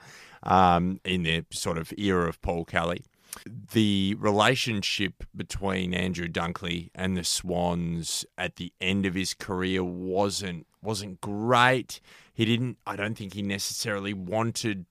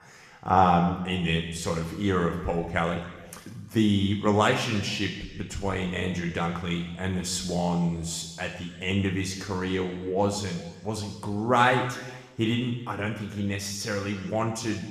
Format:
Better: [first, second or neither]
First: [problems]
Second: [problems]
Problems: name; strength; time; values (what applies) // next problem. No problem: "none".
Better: first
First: none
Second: room echo; noticeable; dies away in 1.3 s // off-mic speech; somewhat distant